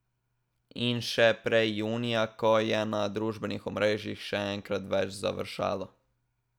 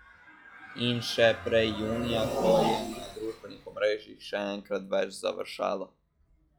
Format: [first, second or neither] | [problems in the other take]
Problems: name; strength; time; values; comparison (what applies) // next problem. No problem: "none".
first | noise reduction (classical method log-MMSE)